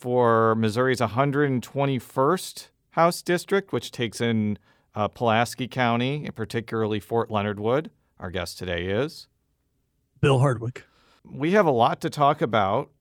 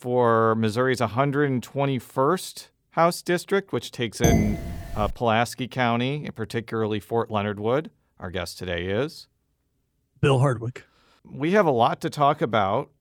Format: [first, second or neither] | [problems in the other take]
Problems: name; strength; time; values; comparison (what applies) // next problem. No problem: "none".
first | clattering dishes; loud; at 4 s; peak 2 dB above the speech